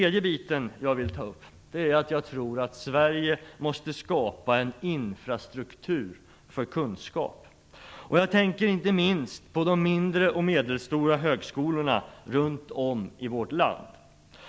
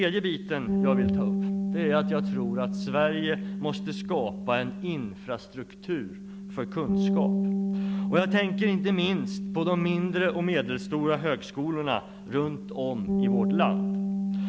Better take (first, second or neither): first